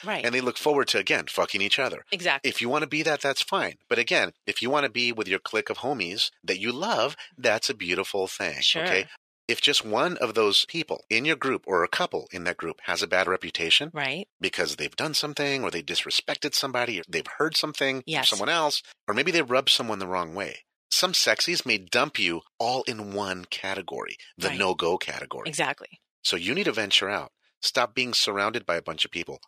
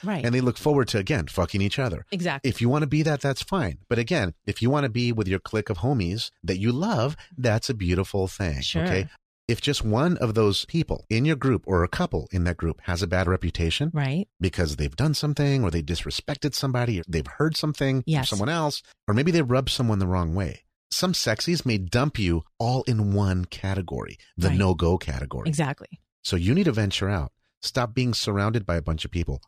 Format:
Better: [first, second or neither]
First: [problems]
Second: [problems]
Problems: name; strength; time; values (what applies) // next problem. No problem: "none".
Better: second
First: thin; very; fading below 450 Hz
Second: none